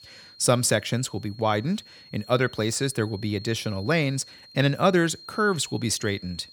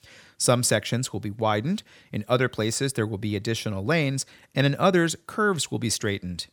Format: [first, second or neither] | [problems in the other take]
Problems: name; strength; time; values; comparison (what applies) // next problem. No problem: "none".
second | high-pitched whine; noticeable; throughout; 4 kHz, 20 dB below the speech